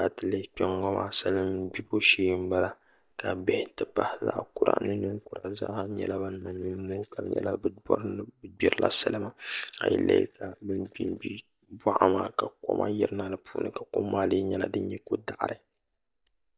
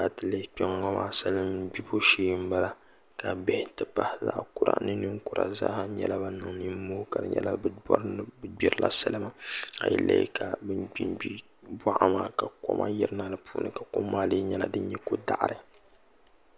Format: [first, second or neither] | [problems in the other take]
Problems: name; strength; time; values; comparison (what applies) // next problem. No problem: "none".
second | noise reduction (neural mask model DeepFilterNet 3)